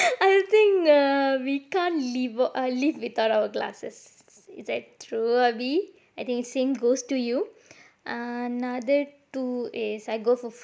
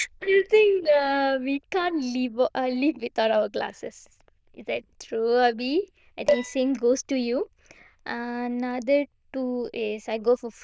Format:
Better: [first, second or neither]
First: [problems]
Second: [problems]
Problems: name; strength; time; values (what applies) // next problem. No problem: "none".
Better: first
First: none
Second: noise reduction (neural diffusion model UNIVERSE++)